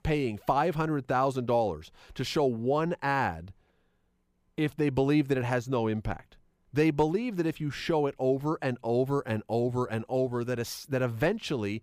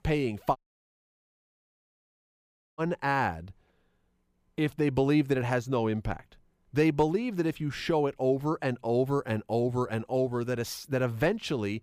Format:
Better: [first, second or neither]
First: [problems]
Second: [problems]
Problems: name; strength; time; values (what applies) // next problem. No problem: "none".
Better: first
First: none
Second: audio cutting out; at 0.5 s for 2 s